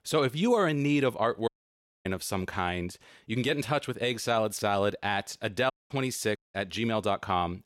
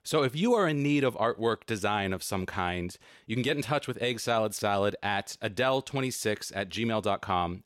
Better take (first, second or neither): second